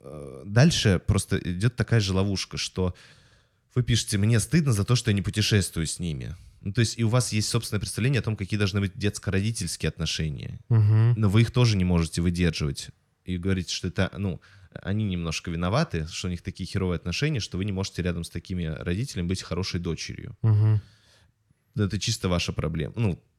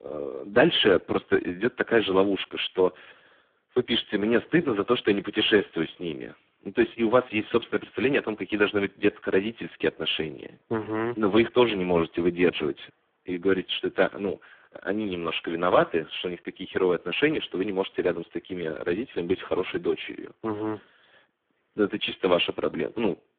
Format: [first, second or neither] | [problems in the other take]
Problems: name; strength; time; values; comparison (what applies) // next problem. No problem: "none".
first | phone-call audio; poor line; nothing above 3.5 kHz